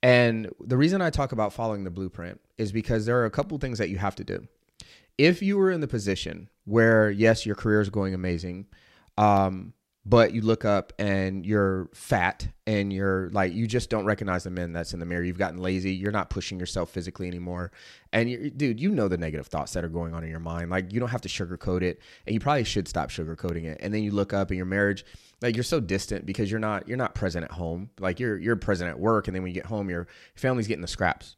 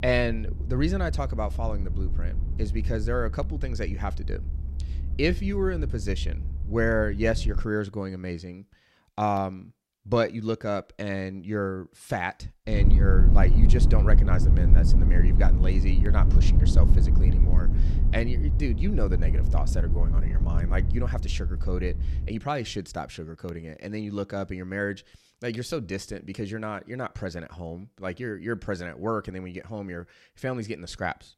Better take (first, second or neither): first